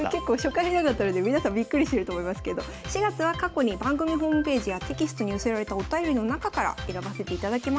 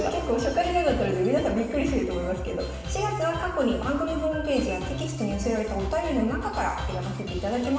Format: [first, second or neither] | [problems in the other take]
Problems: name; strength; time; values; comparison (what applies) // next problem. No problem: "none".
first | room echo; dies away in 1 s